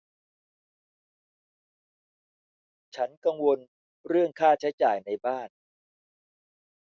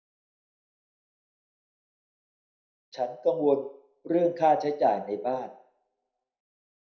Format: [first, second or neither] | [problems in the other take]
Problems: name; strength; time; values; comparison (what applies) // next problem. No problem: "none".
first | room echo; dies away in 0.5 s